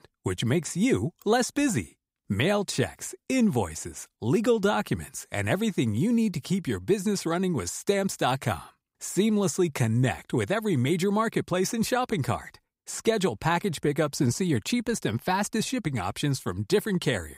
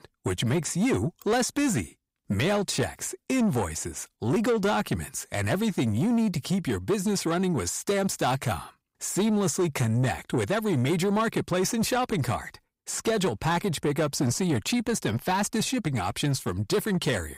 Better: first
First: none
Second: distortion; slight; 10 dB below the speech

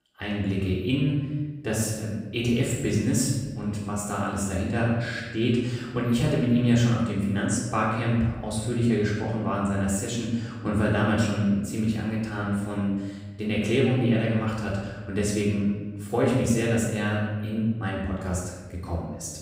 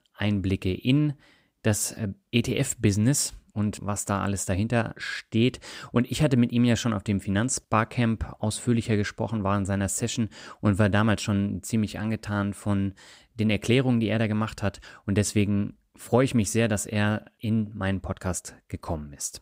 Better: second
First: off-mic speech; far // room echo; noticeable; dies away in 1.1 s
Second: none

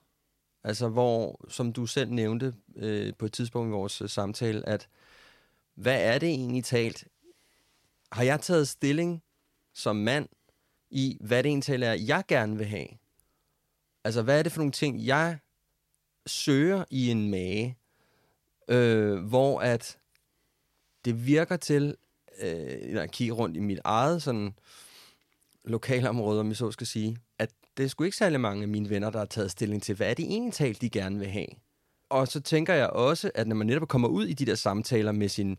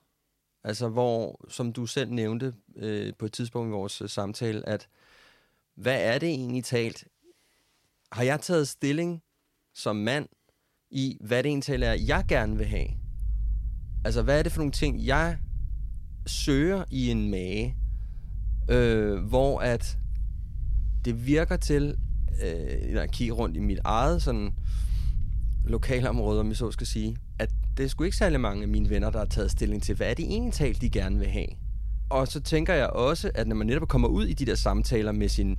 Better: first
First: none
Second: low rumble; faint; from 12 s on; 25 dB below the speech

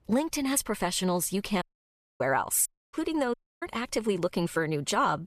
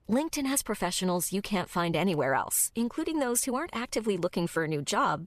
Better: second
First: audio cutting out; at 1.5 s for 0.5 s, at 2.5 s and at 3.5 s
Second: none

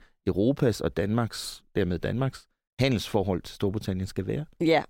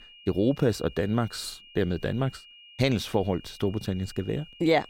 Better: first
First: none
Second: high-pitched whine; faint; throughout; 3 kHz, 20 dB below the speech

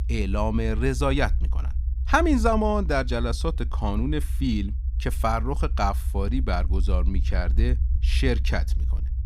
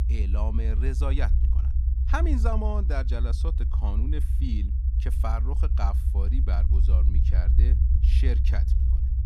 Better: first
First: low rumble; faint; throughout; 20 dB below the speech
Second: low rumble; loud; throughout; 6 dB below the speech

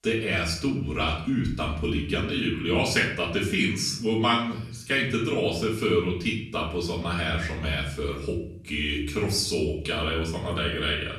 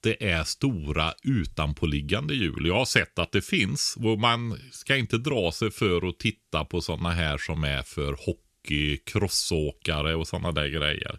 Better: second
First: off-mic speech; far // room echo; slight; dies away in 0.5 s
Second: none

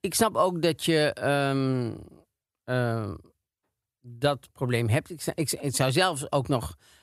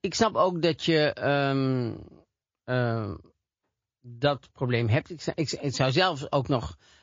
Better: first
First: none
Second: garbled, watery; slightly

